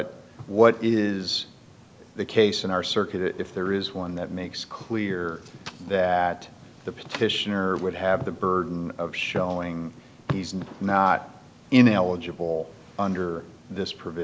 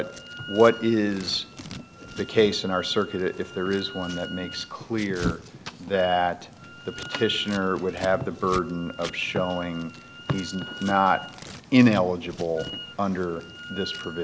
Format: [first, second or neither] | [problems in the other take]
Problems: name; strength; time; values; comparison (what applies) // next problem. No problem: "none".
first | background sound (Scissors + Wind instrument, woodwind instrument); 13 dB below the speech